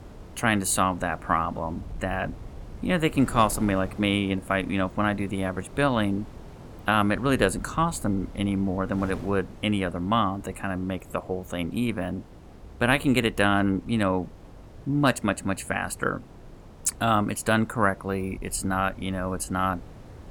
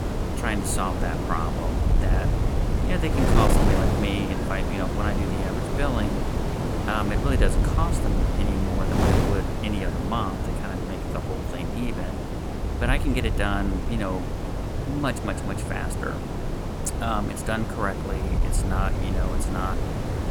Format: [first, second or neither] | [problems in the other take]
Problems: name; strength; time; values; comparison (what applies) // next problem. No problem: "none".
first | wind noise on the microphone; heavy; 1 dB below the speech; occasional gusts in the first